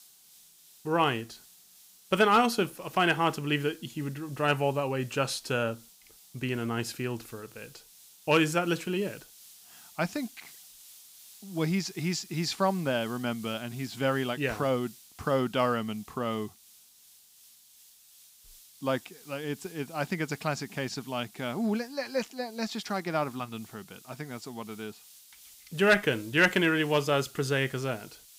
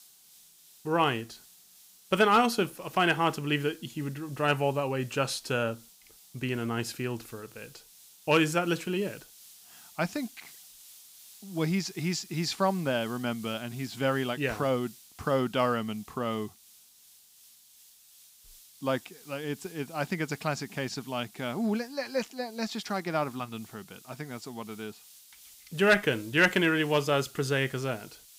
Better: neither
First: hiss; faint; throughout; 20 dB below the speech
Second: hiss; faint; throughout; 20 dB below the speech

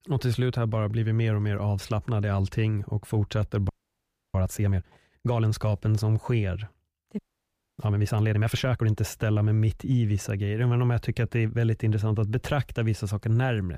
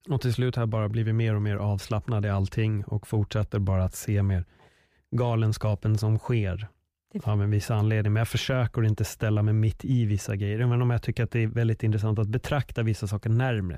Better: second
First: audio freezing; at 3.5 s for 0.5 s and at 7 s for 0.5 s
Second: none

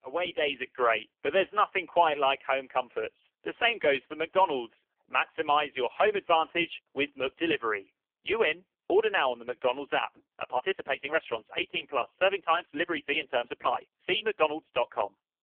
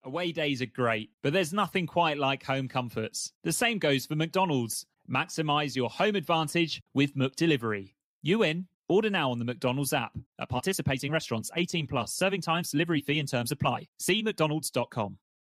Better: second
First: phone-call audio; poor line; nothing above 3 kHz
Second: none

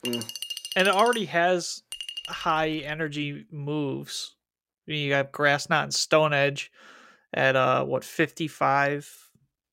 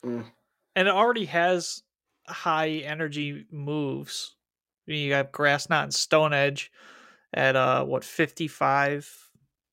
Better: second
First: household noises; loud; until 2.5 s; 10 dB below the speech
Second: none

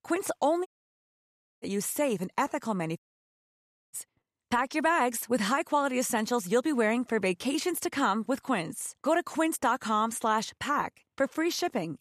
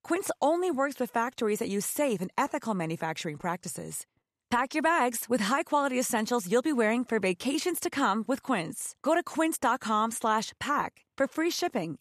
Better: second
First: audio cutting out; at 0.5 s for 1 s and at 3 s for 1 s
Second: none

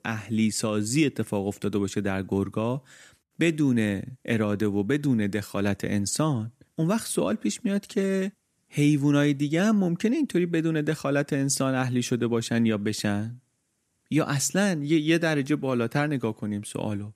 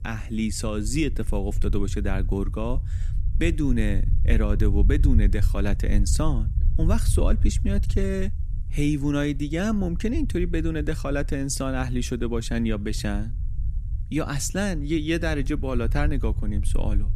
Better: first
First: none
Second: low rumble; noticeable; throughout; 15 dB below the speech

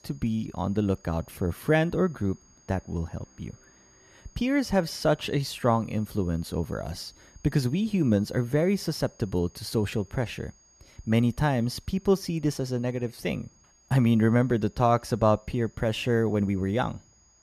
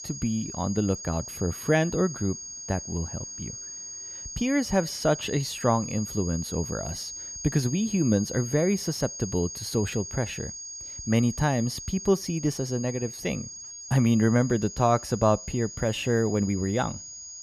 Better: first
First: high-pitched whine; faint; throughout; 6.5 kHz, 30 dB below the speech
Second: high-pitched whine; loud; throughout; 6.5 kHz, 9 dB below the speech

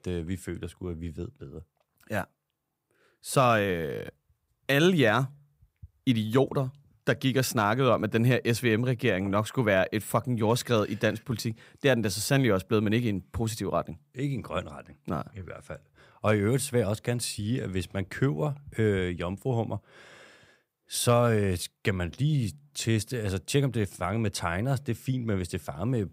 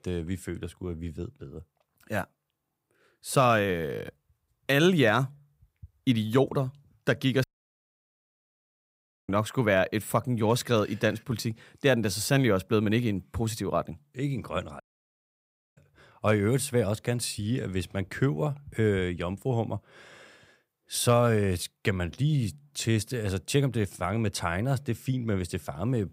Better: first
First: none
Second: audio cutting out; at 7.5 s for 2 s and at 15 s for 1 s

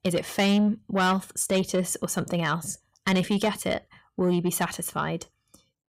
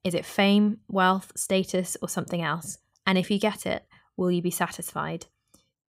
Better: second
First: distortion; slight; 10 dB below the speech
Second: none

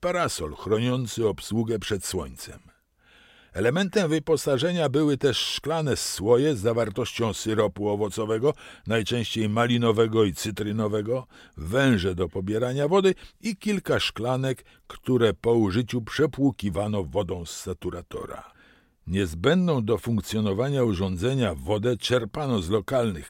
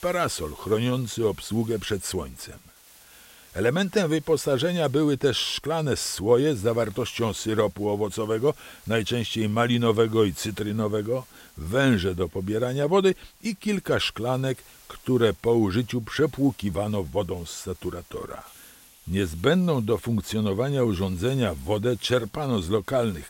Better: first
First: none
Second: hiss; faint; throughout; 25 dB below the speech

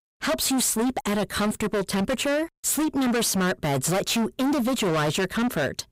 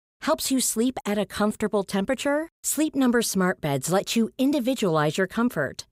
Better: second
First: distortion; heavy; 30% of the sound clipped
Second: none

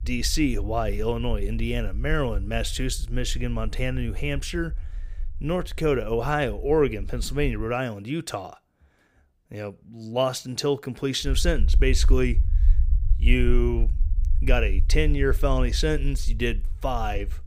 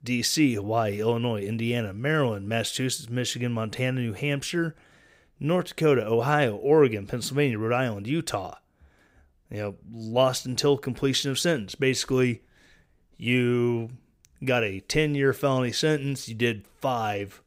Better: second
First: low rumble; faint; until 7.5 s and from 11 s on; 25 dB below the speech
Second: none

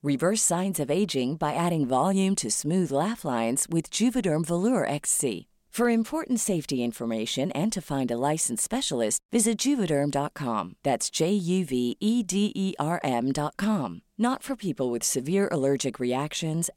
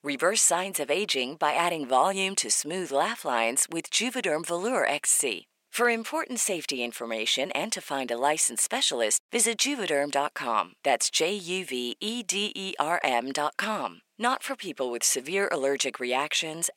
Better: first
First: none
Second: thin; somewhat; fading below 450 Hz

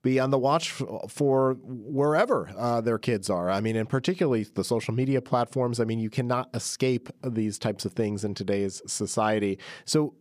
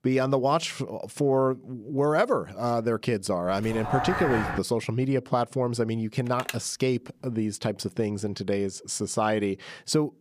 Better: first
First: none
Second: dog barking; noticeable; at 3.5 s; peak level with the speech // phone ringing; noticeable; at 6.5 s; peak 9 dB below the speech

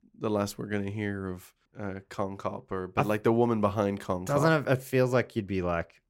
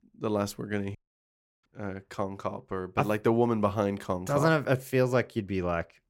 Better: first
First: none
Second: audio cutting out; at 1 s for 0.5 s

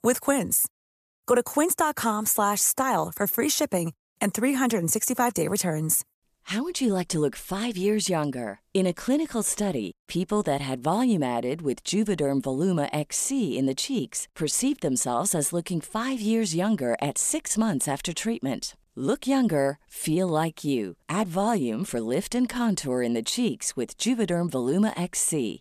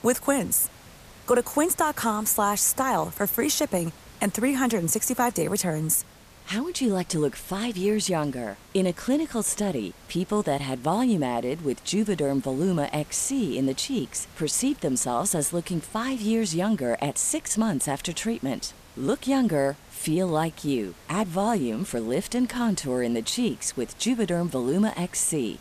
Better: first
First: none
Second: hiss; faint; throughout; 25 dB below the speech

